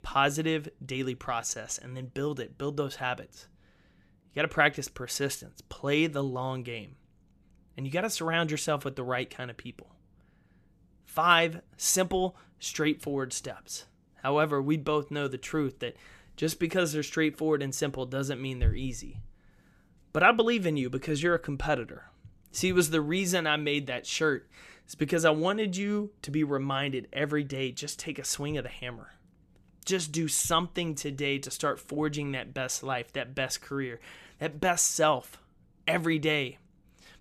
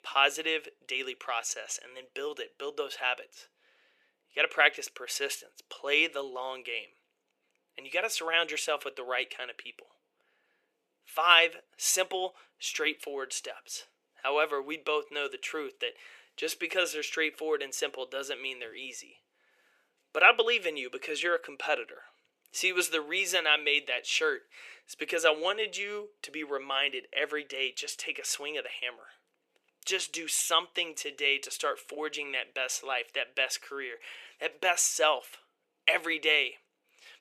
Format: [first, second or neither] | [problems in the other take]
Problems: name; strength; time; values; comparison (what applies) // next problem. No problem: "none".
first | thin; very; fading below 450 Hz